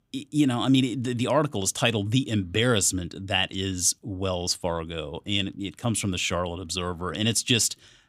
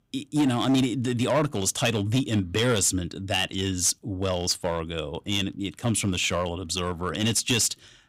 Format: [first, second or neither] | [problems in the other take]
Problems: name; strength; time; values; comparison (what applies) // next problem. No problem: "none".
first | distortion; slight; 5% of the sound clipped